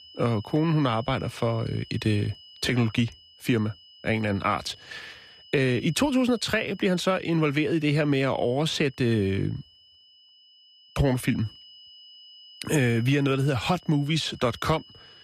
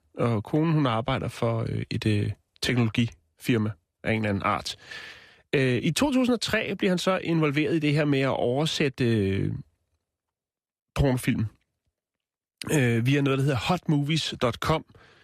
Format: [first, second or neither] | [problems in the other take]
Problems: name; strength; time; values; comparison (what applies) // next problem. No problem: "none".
second | high-pitched whine; faint; throughout; 3 kHz, 25 dB below the speech